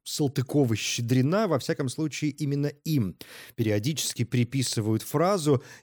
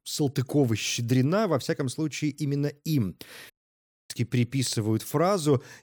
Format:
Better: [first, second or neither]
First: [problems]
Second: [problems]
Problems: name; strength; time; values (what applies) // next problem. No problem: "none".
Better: first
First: none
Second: audio cutting out; at 3.5 s for 0.5 s